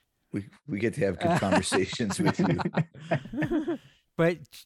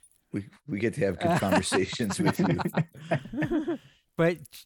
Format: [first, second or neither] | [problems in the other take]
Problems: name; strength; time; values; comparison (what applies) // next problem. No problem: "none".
first | household noises; faint; throughout; 25 dB below the speech